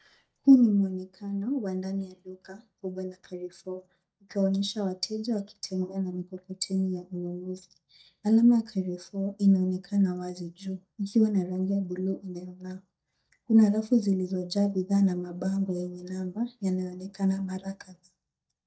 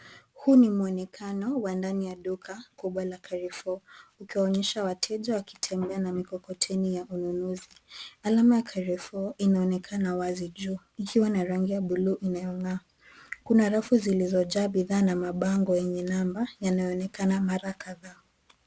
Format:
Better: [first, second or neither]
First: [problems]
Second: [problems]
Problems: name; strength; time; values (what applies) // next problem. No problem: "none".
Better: second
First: noise reduction (neural mask model DeepFilterNet 3)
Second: none